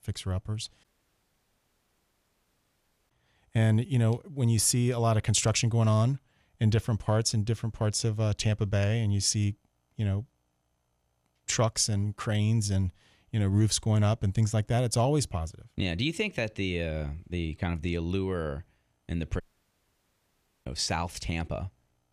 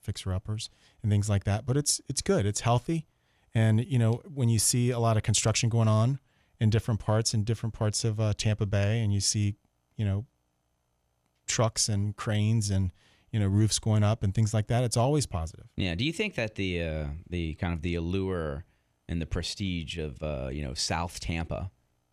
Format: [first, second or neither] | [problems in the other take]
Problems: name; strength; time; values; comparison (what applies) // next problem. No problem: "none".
second | audio cutting out; at 1 s for 2.5 s and at 19 s for 1.5 s